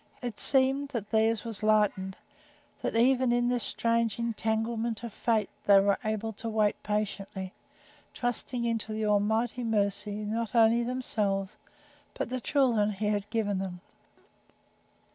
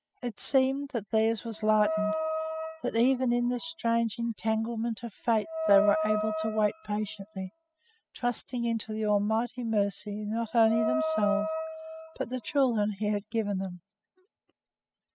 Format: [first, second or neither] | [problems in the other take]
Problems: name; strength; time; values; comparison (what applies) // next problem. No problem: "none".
first | noise reduction (classical method spectral subtraction)